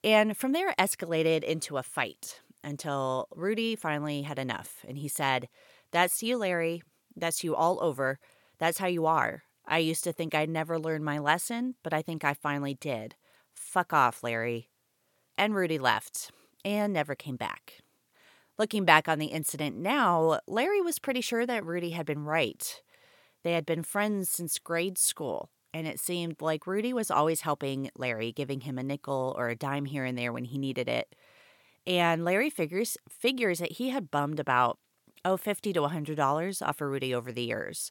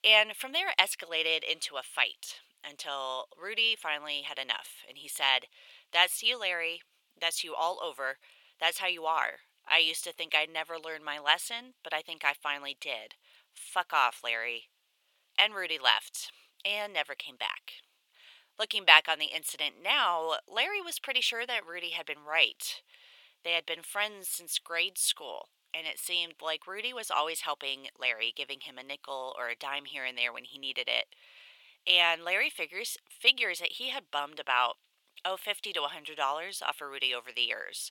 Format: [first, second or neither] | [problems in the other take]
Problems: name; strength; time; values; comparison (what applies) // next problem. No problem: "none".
first | thin; very; fading below 750 Hz